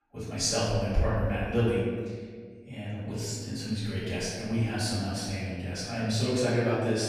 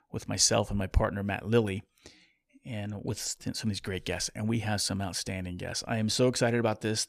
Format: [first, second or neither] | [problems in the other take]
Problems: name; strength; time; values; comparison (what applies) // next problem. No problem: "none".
second | off-mic speech; far // room echo; strong; dies away in 1.6 s